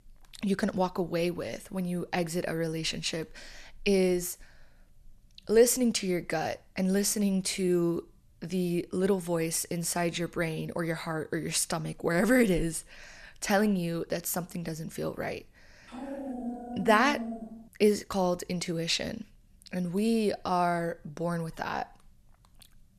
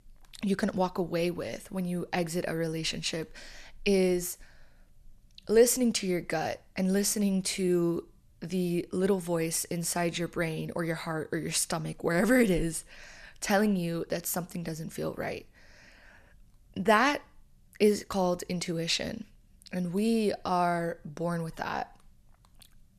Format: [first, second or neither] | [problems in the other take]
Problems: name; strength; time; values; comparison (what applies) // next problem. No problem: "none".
second | dog barking; noticeable; from 16 to 18 s; peak 6 dB below the speech